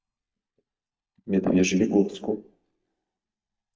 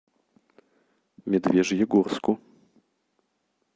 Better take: second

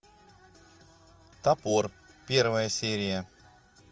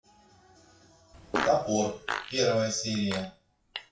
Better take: first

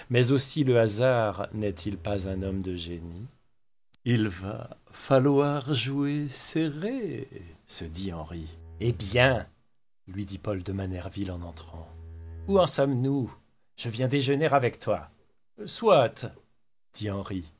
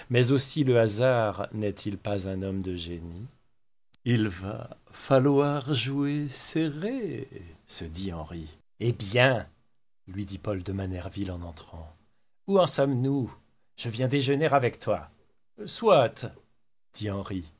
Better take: second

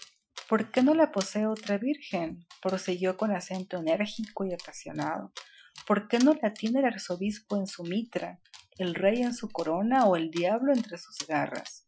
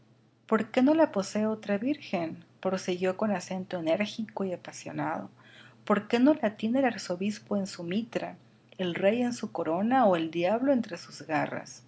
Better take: second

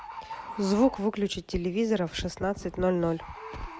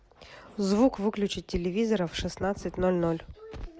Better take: second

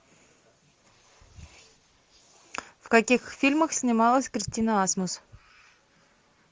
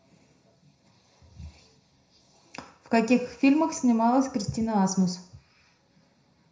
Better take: first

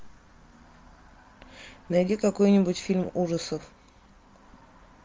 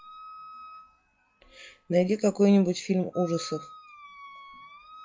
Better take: first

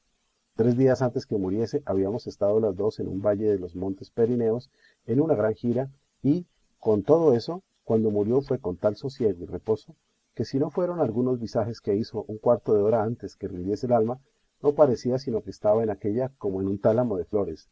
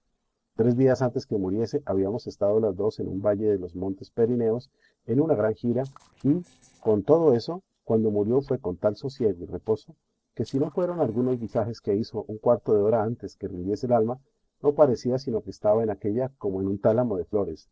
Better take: first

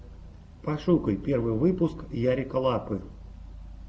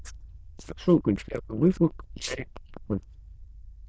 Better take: first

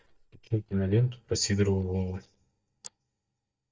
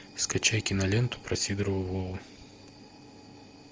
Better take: second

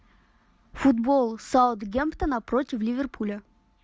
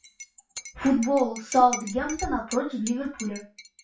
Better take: first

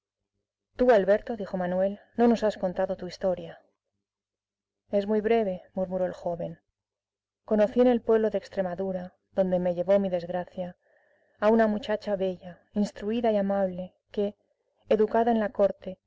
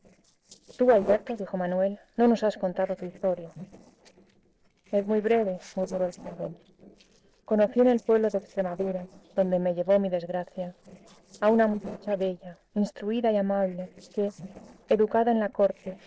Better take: first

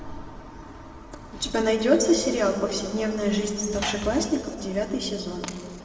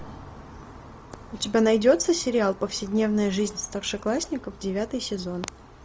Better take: second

